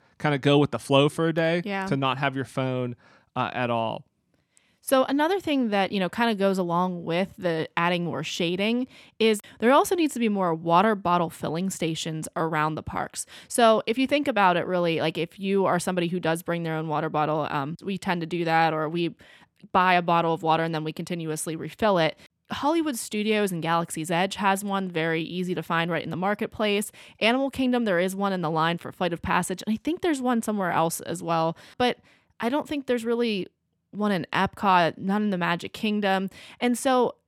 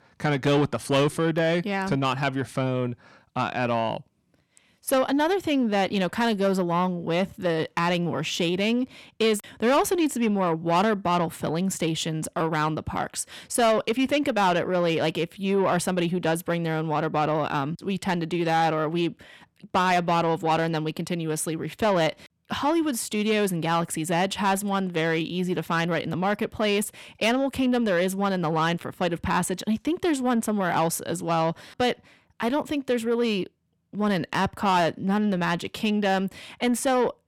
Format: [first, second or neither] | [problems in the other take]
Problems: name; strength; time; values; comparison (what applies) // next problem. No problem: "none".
first | distortion; slight; 10 dB below the speech